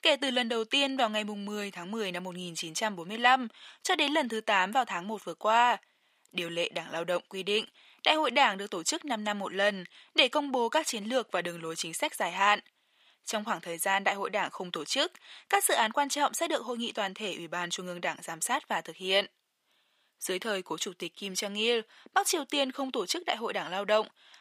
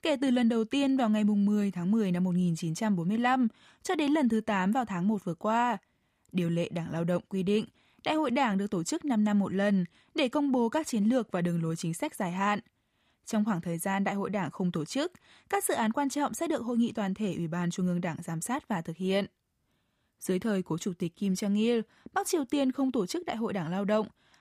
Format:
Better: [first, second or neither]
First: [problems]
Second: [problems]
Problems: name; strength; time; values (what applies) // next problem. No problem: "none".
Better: second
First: thin; somewhat; fading below 550 Hz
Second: none